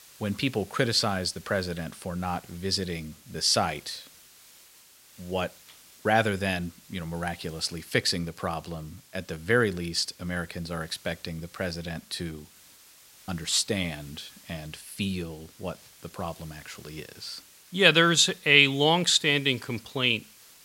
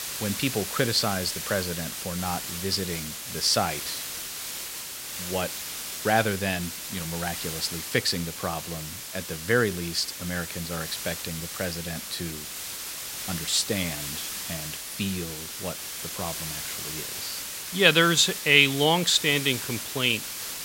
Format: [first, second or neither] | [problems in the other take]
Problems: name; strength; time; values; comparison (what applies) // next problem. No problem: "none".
first | hiss; loud; throughout; 7 dB below the speech; faint in the first